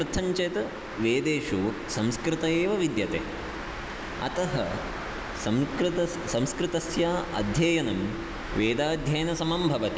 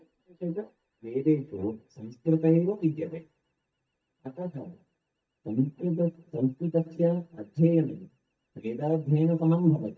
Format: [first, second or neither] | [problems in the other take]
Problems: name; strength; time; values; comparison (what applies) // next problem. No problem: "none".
first | noise reduction (neural mask model DeepFilterNet 3)